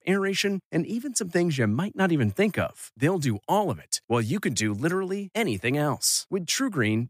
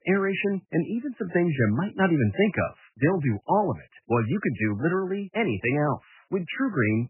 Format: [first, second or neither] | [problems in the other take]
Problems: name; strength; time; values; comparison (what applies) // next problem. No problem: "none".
first | garbled, watery; badly; nothing above 3 kHz